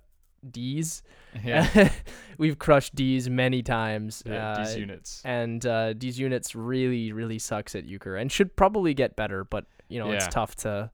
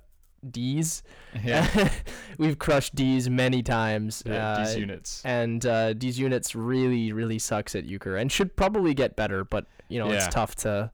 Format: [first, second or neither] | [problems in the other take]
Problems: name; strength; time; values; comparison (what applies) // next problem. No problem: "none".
first | distortion; heavy; 7 dB below the speech